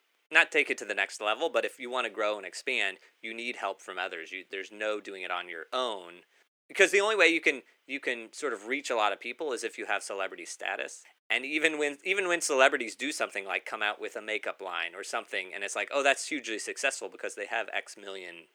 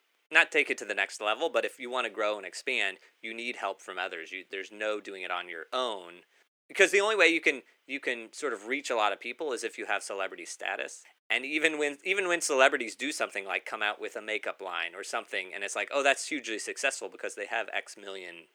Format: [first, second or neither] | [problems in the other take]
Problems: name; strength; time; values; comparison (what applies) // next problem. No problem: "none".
neither | thin; very; fading below 350 Hz; the same in both